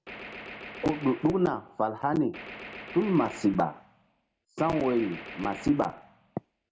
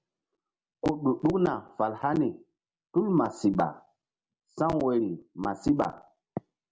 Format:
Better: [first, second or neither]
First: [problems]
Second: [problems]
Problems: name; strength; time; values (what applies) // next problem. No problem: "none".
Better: second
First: background sound (Gunshot, gunfire); 15 dB below the speech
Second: none